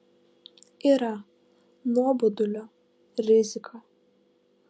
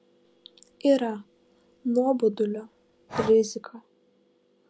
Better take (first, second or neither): first